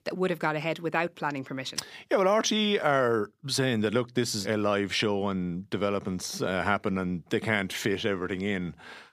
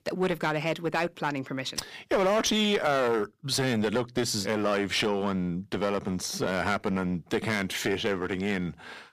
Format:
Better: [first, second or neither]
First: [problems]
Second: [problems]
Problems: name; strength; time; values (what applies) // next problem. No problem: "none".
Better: first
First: none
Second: distortion; slight; 8% of the sound clipped